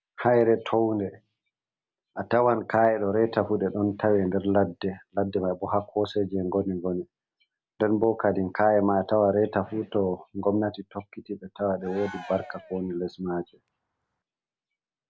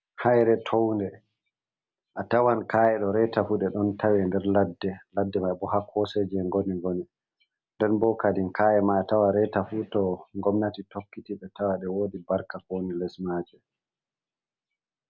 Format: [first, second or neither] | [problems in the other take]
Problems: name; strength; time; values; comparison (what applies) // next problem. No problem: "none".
second | background sound (Cheering); 19 dB below the speech